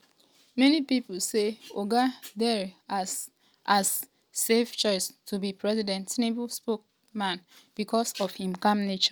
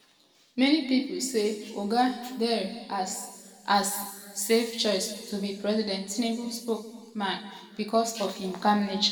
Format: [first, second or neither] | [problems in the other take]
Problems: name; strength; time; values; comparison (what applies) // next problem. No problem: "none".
first | room echo; dies away in 1.8 s